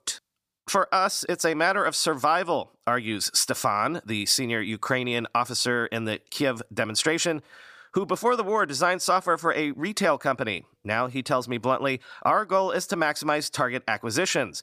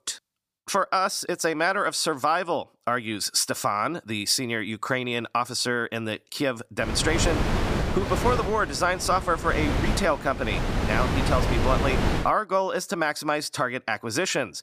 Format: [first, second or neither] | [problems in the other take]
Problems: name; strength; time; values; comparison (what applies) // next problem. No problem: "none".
first | wind noise on the microphone; heavy; from 7 to 12 s; 5 dB below the speech